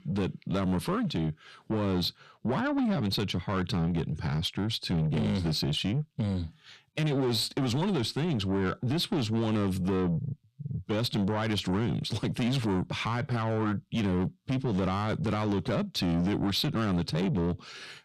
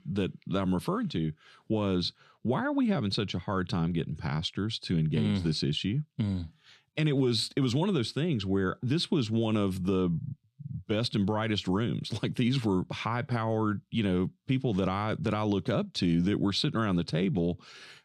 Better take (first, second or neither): second